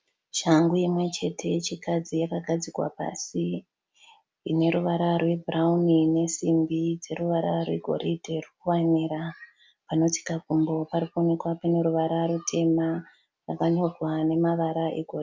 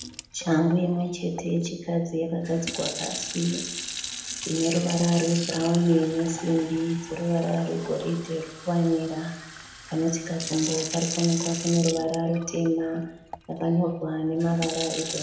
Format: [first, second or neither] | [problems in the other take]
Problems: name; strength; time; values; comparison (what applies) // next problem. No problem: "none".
first | background sound (Fill (with liquid) / Sink (filling or washing)); 10 dB below the speech // room echo; dies away in 0.8 s